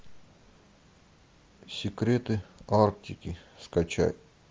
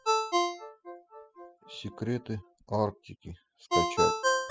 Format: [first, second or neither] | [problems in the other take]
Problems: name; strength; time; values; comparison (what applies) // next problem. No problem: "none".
first | noise reduction (classical method spectral subtraction)